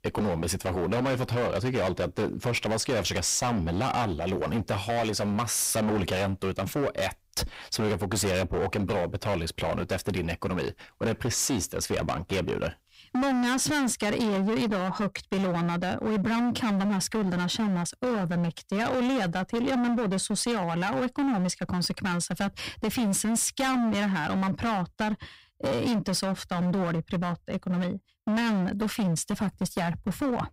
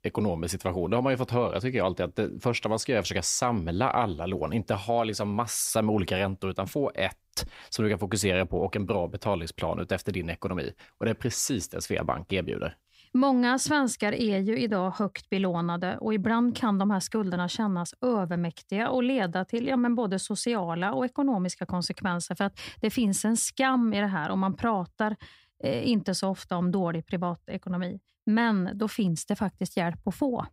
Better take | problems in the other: second | distortion; heavy; 25% of the sound clipped

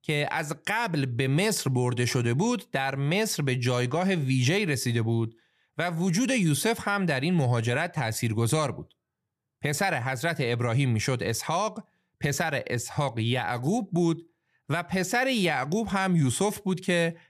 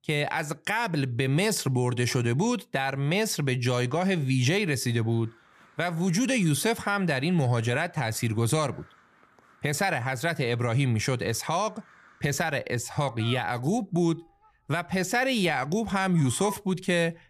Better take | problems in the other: first | animal sounds; faint; from 5 s on; 25 dB below the speech

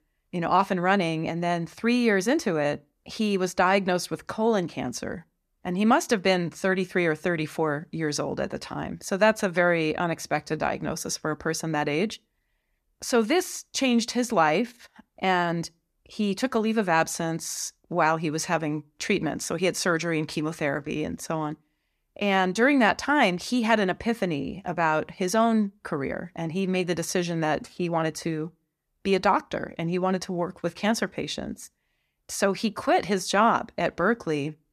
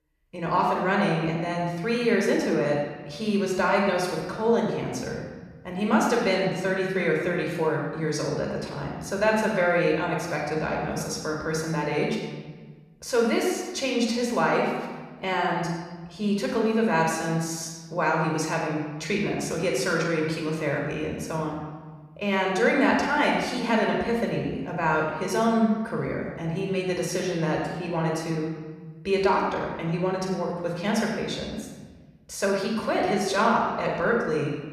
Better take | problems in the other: first | off-mic speech; somewhat distant // room echo; noticeable; dies away in 1.4 s

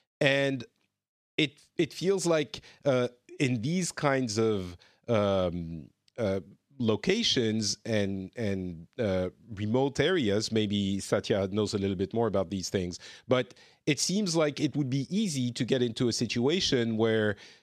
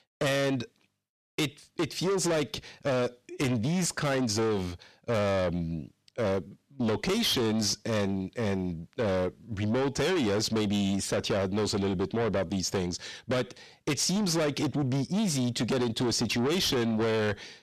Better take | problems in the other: first | distortion; heavy; 6 dB below the speech

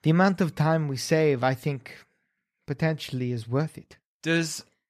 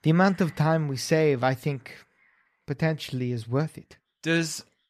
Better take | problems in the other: first | animal sounds; faint; throughout; 30 dB below the speech

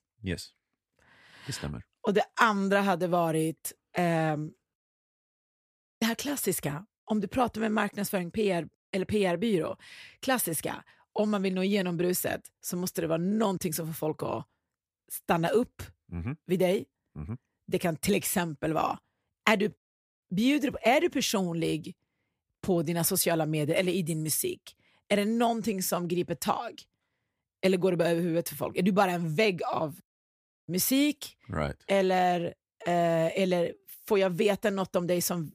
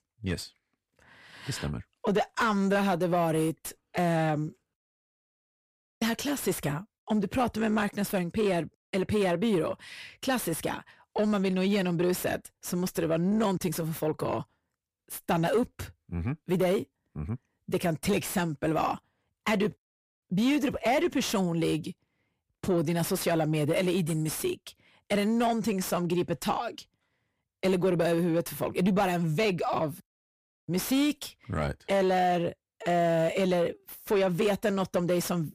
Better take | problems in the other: first | distortion; slight; 10 dB below the speech

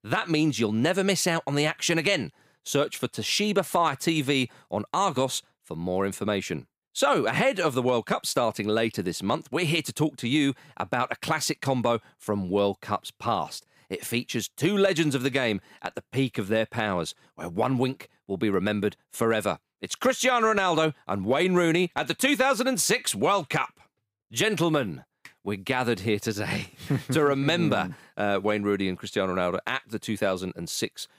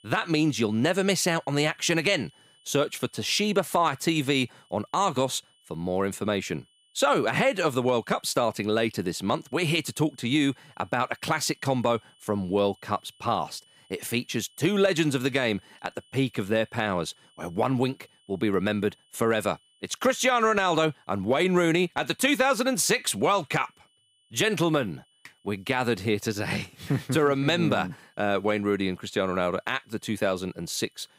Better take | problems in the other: first | high-pitched whine; faint; throughout; 3 kHz, 35 dB below the speech

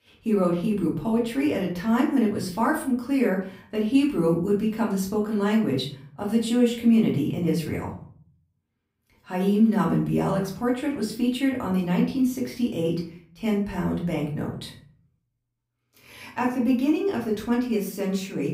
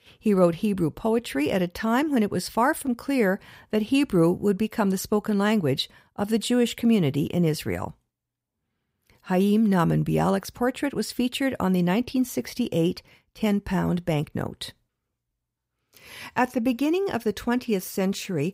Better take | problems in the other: second | off-mic speech; far // room echo; slight; dies away in 0.4 s

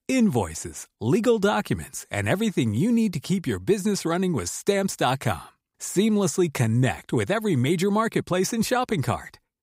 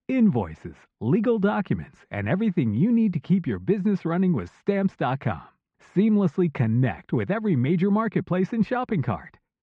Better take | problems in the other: first | muffled; very; fading above 2.5 kHz

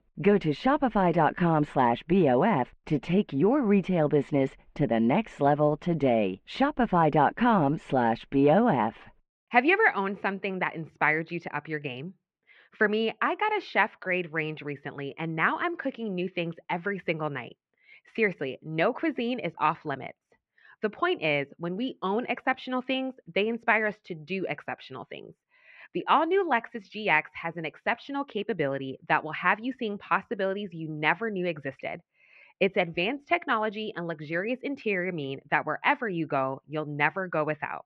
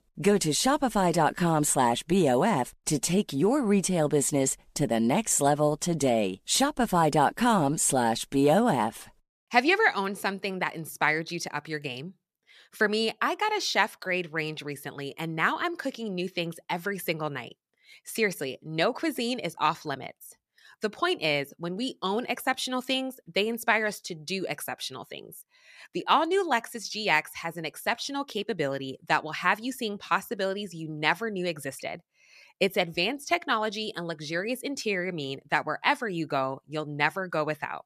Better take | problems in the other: second | muffled; very; fading above 2.5 kHz

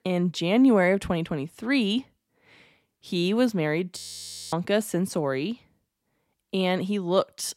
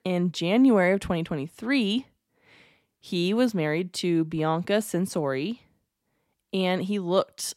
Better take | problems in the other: second | audio freezing; at 4 s for 0.5 s

